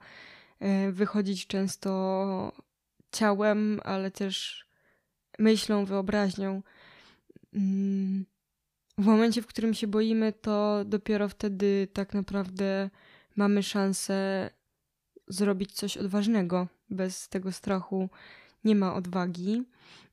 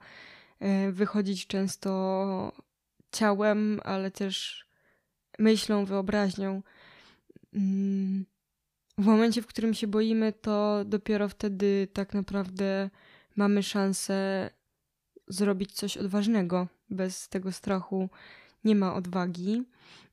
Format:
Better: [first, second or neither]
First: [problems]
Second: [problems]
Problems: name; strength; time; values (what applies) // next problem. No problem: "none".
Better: neither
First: none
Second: none